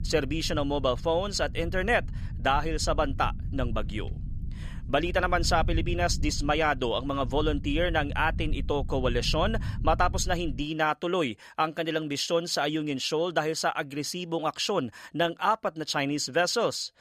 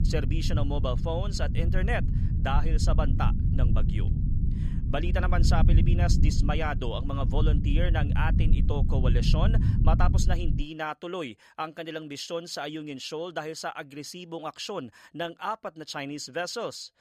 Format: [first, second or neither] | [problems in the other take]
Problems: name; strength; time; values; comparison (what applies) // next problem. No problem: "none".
first | low rumble; loud; until 11 s; 7 dB below the speech; faint in the first